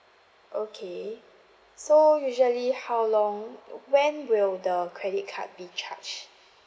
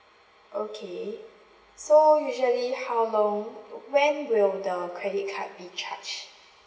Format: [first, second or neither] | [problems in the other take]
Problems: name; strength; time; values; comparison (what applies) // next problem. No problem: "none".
first | room echo; dies away in 1.4 s